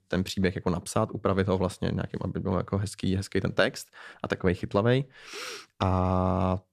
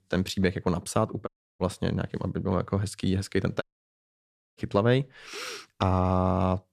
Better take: first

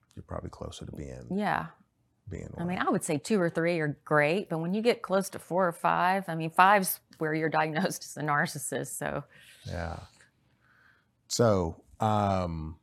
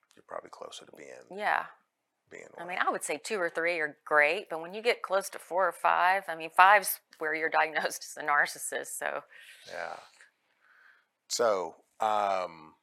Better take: first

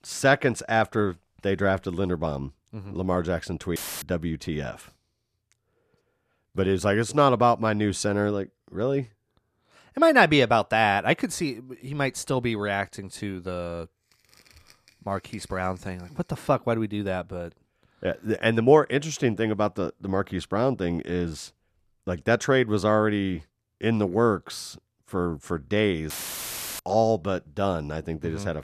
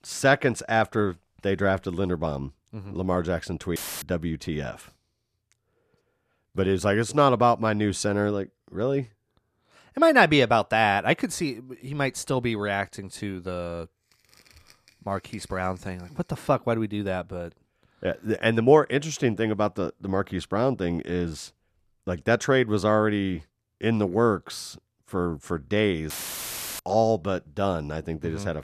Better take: neither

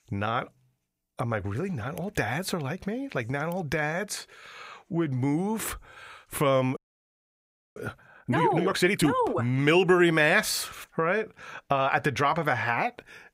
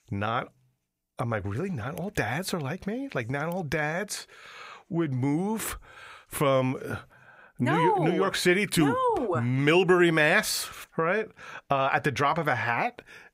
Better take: second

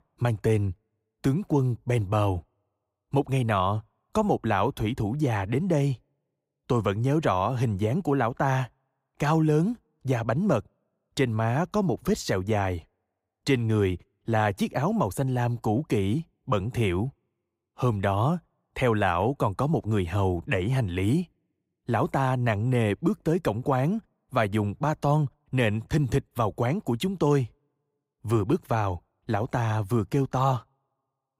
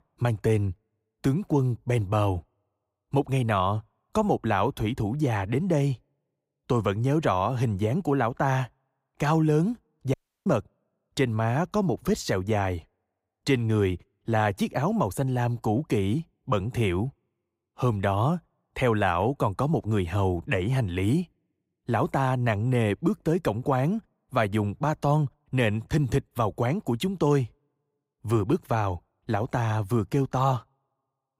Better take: first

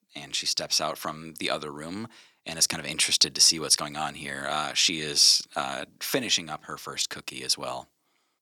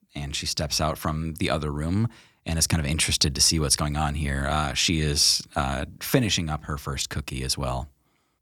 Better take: second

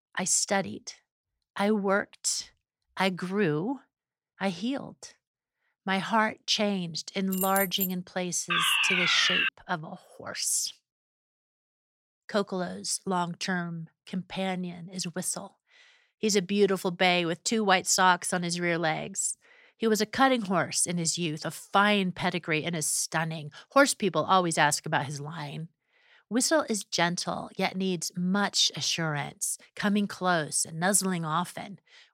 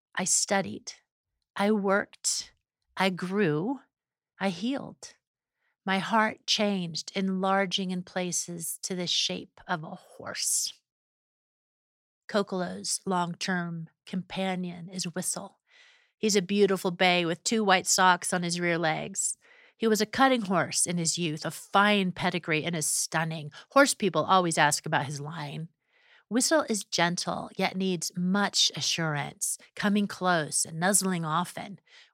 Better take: second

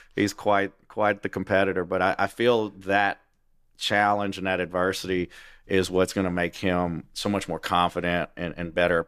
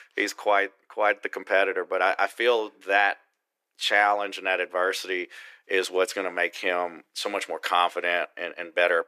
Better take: first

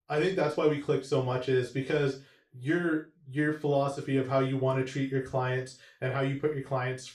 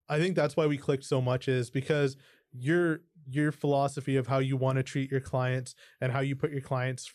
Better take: second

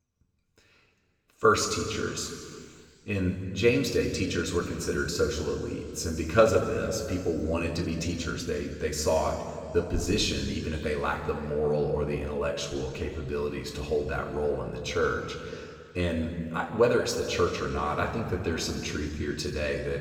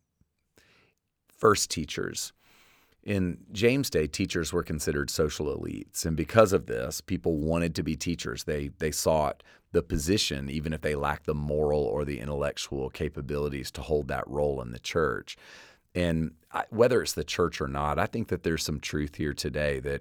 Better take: second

